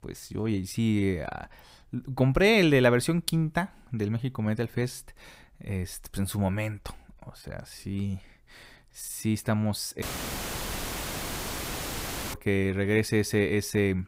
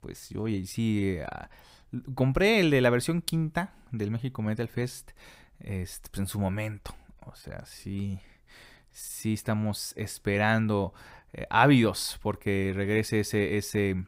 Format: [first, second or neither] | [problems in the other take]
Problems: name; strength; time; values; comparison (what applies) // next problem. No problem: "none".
second | audio cutting out; filled with static; at 10 s for 2.5 s